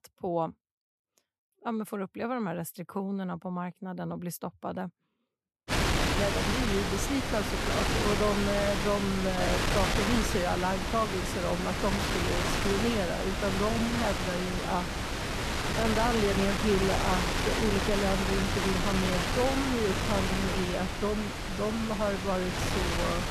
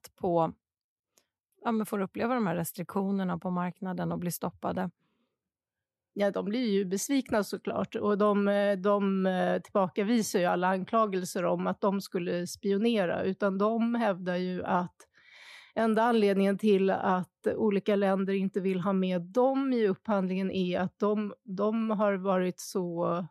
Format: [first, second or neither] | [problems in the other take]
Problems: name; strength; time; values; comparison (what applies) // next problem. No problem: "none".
second | wind noise on the microphone; heavy; from 5.5 s on; 2 dB above the speech